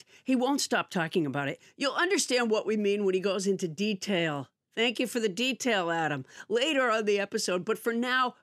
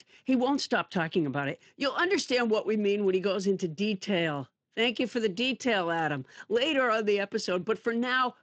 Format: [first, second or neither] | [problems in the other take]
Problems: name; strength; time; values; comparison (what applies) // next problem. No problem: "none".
first | garbled, watery; slightly; nothing above 7.5 kHz